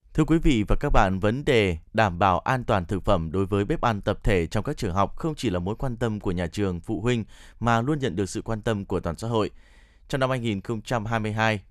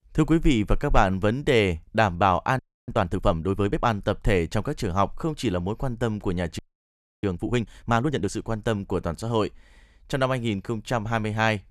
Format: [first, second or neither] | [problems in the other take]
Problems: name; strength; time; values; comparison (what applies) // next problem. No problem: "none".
first | audio freezing; at 2.5 s and at 6.5 s for 0.5 s